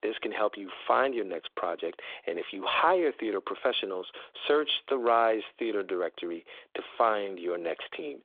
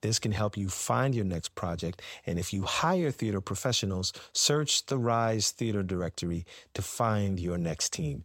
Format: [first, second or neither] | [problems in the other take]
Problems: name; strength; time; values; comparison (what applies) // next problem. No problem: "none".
second | phone-call audio; nothing above 3.5 kHz